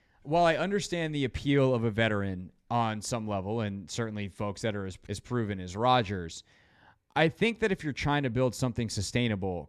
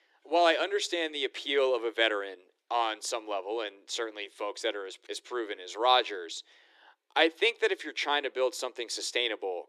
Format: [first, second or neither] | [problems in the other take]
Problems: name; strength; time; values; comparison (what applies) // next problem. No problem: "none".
first | thin; very; fading below 350 Hz